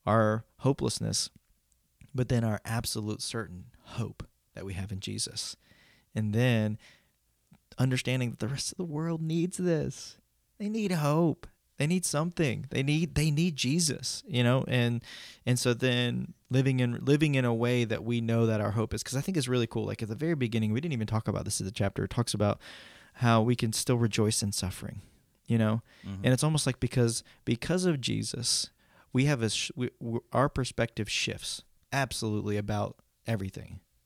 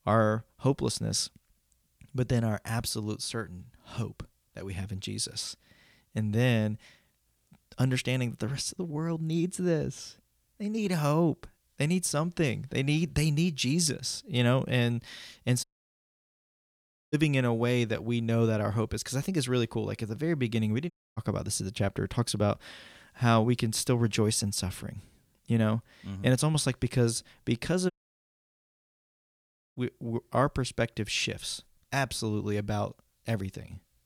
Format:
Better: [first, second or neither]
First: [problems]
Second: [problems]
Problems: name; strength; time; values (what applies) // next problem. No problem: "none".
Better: first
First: none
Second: audio cutting out; at 16 s for 1.5 s, at 21 s and at 28 s for 2 s